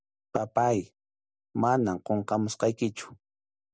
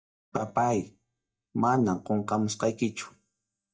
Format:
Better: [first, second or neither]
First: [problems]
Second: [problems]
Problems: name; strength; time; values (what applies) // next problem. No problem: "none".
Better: first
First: none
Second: noise reduction (neural mask model DeepFilterNet 3)